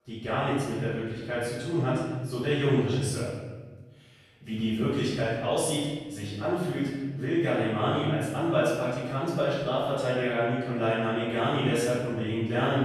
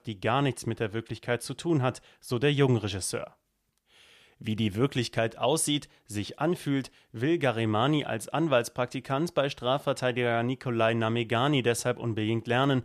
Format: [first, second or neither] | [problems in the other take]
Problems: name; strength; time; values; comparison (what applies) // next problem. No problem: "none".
second | room echo; strong; dies away in 1.3 s // off-mic speech; far